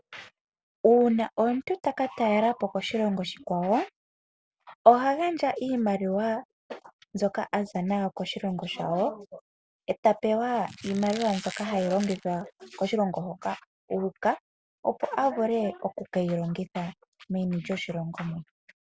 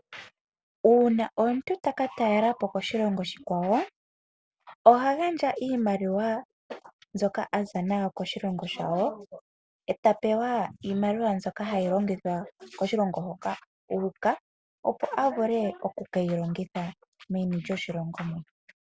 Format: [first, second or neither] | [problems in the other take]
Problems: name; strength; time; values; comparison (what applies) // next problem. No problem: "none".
second | background sound (Squeak); 16 dB below the speech